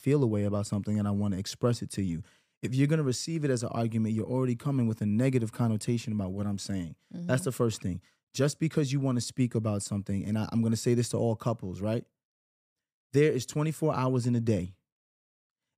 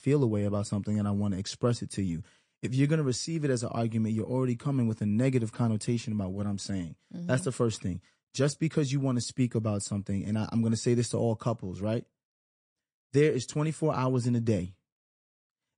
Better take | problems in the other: first | garbled, watery; slightly; nothing above 9 kHz

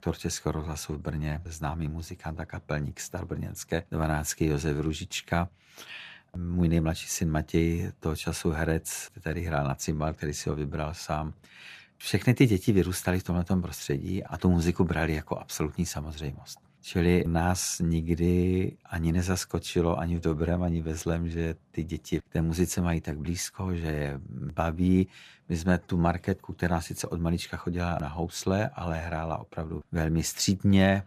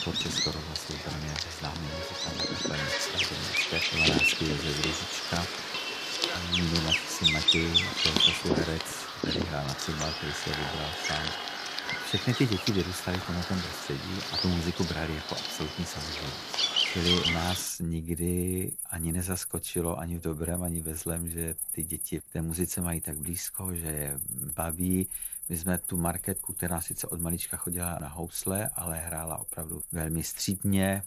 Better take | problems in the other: first | animal sounds; very loud; throughout; 4 dB above the speech

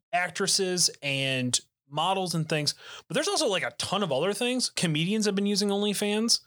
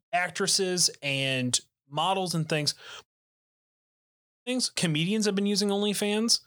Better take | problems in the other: first | audio cutting out; at 3 s for 1.5 s

